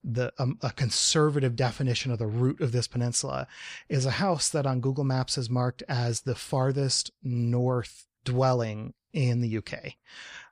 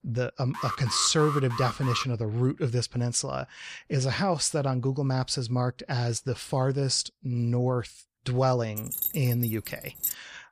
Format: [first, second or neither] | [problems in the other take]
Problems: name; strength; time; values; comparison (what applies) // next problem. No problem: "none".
first | alarm; noticeable; from 0.5 to 2 s; peak 5 dB below the speech // jangling keys; noticeable; from 9 s on; peak 1 dB below the speech